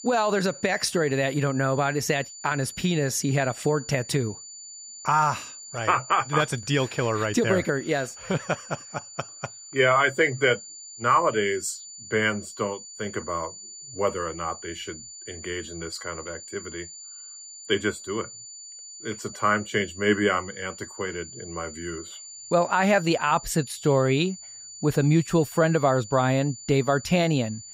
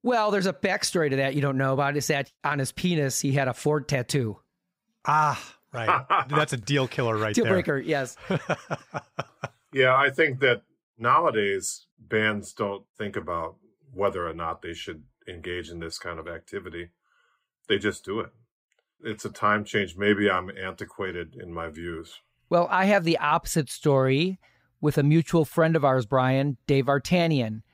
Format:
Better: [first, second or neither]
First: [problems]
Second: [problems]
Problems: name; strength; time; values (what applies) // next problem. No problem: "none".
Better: second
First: high-pitched whine; noticeable; throughout; 7 kHz, 15 dB below the speech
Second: none